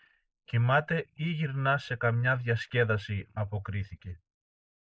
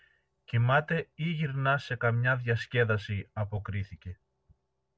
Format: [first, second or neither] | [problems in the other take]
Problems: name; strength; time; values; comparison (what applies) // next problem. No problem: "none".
second | noise reduction (neural mask model Resemble Enhance denoiser)